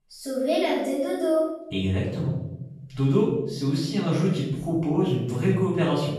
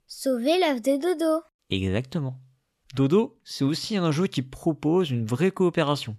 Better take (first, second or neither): second